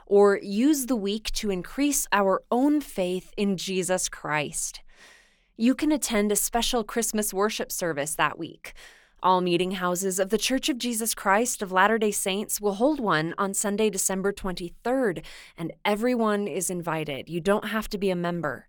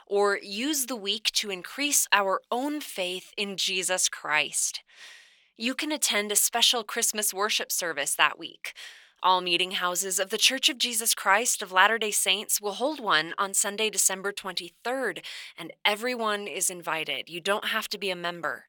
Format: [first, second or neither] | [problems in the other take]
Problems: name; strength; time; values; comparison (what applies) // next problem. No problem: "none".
first | thin; somewhat; fading below 1 kHz